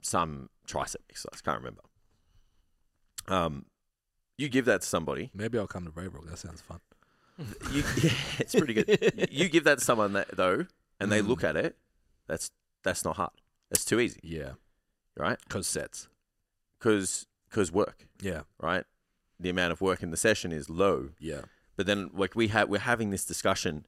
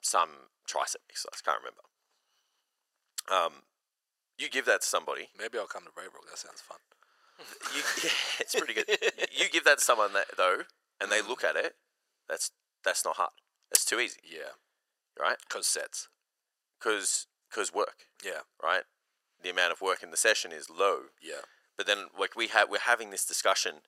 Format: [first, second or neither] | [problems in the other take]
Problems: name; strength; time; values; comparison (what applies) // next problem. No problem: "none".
first | thin; very; fading below 550 Hz